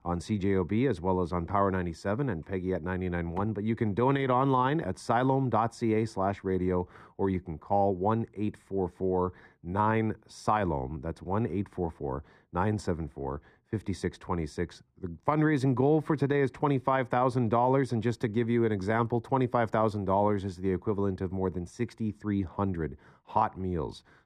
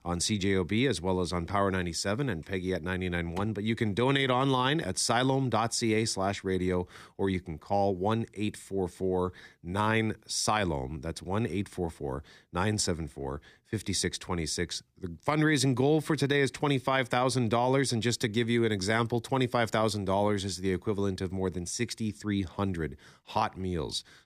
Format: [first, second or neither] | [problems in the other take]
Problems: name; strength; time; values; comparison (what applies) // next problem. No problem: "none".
second | muffled; very; fading above 2.5 kHz